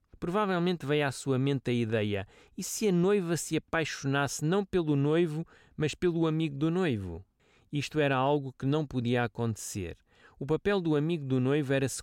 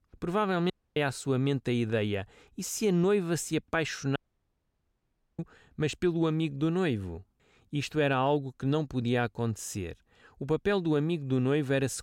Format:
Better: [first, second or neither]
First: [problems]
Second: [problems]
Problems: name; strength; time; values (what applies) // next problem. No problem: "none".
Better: first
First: none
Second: audio cutting out; at 0.5 s and at 4 s for 1 s